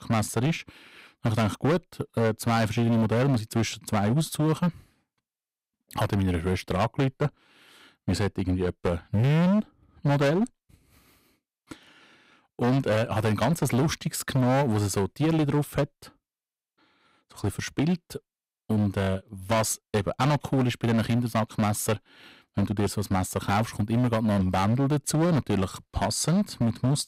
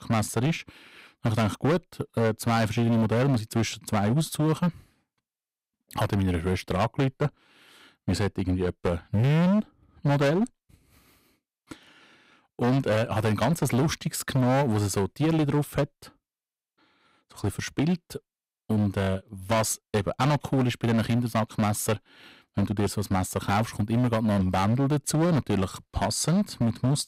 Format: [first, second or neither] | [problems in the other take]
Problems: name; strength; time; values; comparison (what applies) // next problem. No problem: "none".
neither | distortion; heavy; 15% of the sound clipped; the same in both